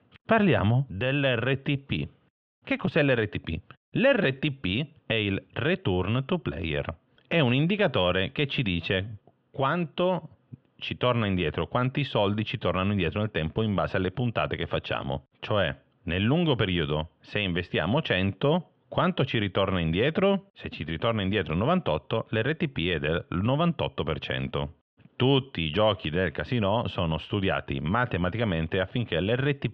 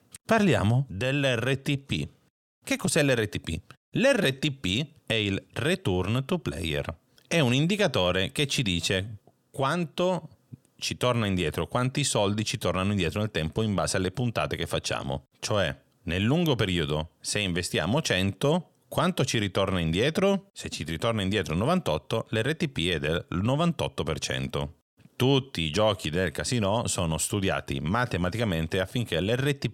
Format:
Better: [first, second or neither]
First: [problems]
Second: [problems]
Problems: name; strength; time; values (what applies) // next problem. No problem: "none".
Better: second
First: muffled; very; fading above 3 kHz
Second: none